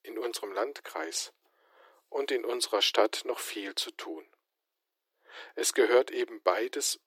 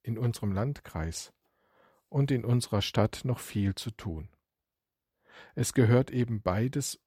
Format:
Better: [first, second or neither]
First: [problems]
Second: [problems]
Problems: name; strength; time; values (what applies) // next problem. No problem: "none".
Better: second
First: thin; very; fading below 300 Hz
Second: none